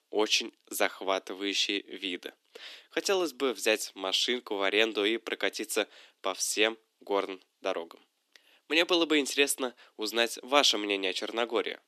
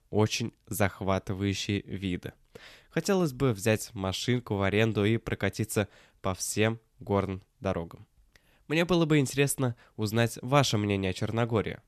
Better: second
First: thin; somewhat; fading below 300 Hz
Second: none

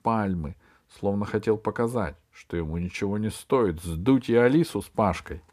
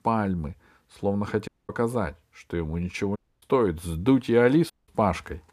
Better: first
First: none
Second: audio cutting out; at 1.5 s, at 3 s and at 4.5 s

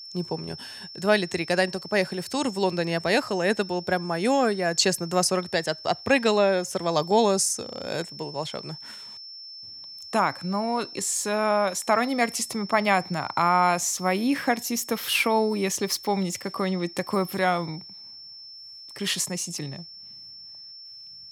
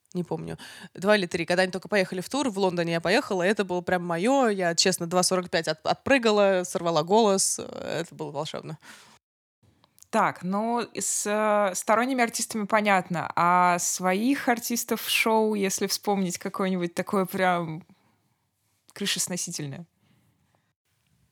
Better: second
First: high-pitched whine; noticeable; throughout; 5.5 kHz, 15 dB below the speech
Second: none

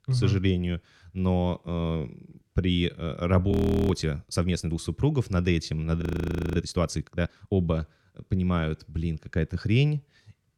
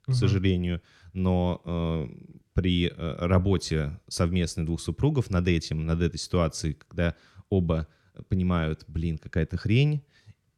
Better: second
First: audio freezing; at 3.5 s and at 6 s for 0.5 s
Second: none

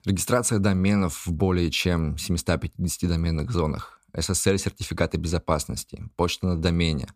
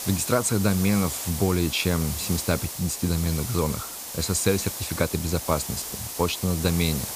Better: first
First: none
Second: hiss; loud; throughout; 6 dB below the speech

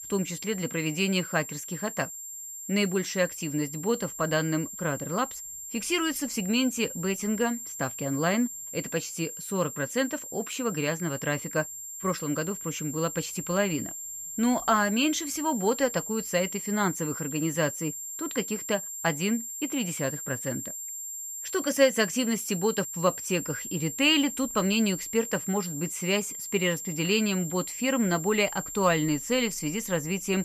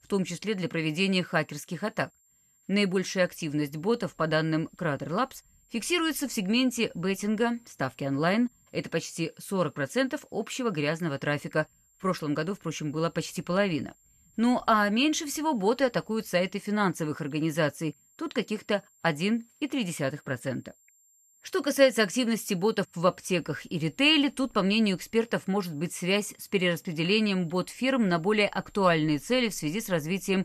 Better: second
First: high-pitched whine; loud; throughout; 7.5 kHz, 7 dB below the speech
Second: high-pitched whine; faint; throughout; 7.5 kHz, 35 dB below the speech

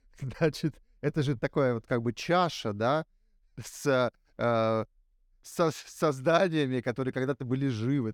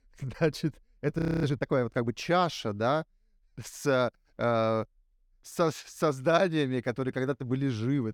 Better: first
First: none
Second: audio freezing; at 1 s

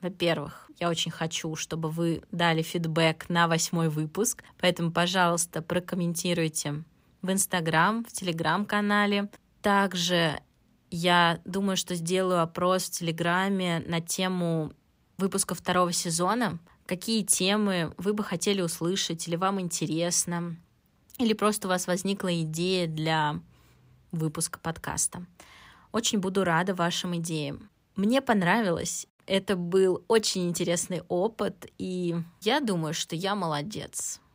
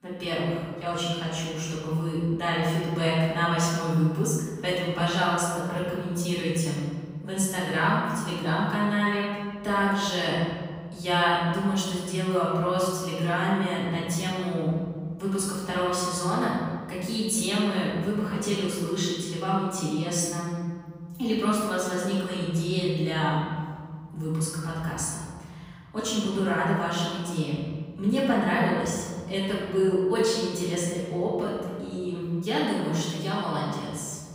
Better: first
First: none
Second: off-mic speech; far // room echo; strong; dies away in 1.9 s

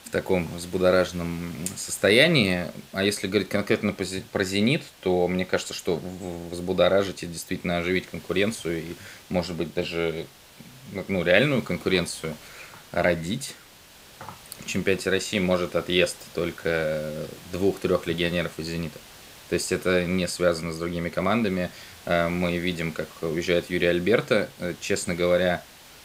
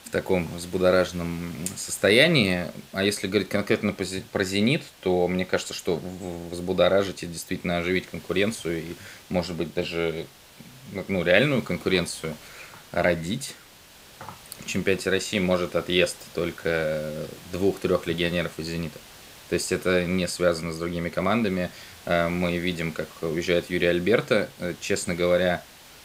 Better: neither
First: hiss; faint; throughout; 20 dB below the speech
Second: hiss; faint; throughout; 20 dB below the speech

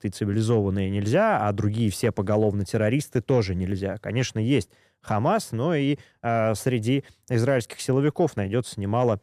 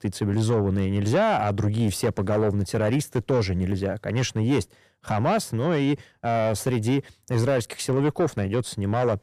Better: first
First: none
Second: distortion; slight; 10 dB below the speech

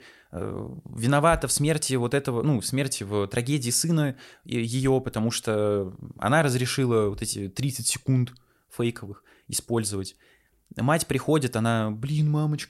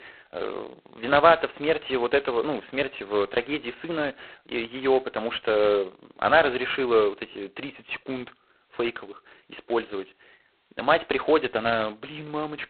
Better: first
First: none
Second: phone-call audio; poor line; nothing above 4 kHz

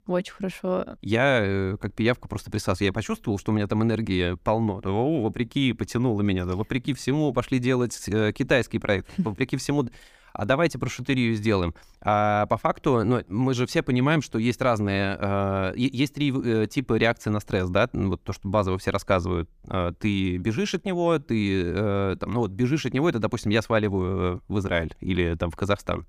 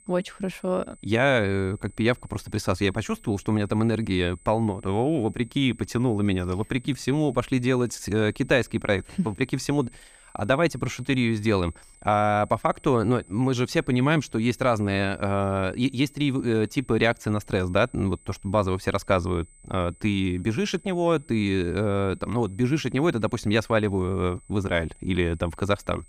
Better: first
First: none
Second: high-pitched whine; faint; throughout; 8 kHz, 30 dB below the speech

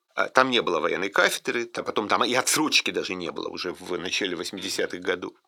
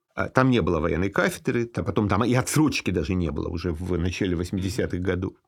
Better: second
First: thin; somewhat; fading below 500 Hz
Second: none

